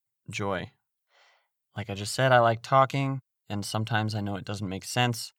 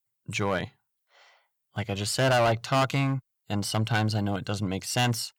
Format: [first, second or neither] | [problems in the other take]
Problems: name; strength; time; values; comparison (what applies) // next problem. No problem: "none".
first | distortion; heavy; 6% of the sound clipped